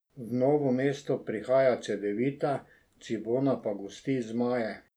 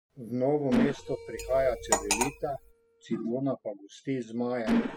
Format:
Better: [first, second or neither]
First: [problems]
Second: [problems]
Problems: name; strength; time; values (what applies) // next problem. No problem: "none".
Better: first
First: none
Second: noise reduction (classical method spectral subtraction)